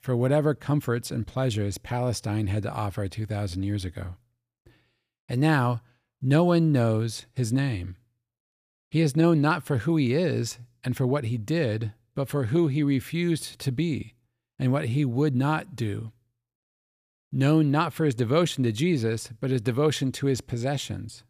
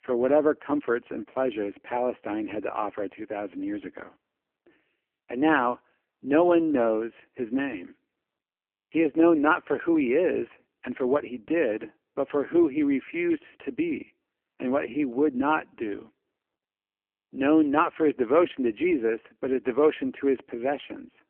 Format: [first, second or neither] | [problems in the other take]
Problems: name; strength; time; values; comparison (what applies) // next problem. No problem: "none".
first | phone-call audio; poor line